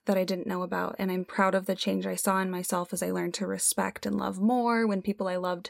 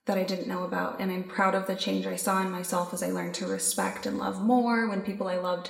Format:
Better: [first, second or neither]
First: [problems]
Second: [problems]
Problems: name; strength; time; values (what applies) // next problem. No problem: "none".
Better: first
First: none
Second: room echo; slight; dies away in 0.8 s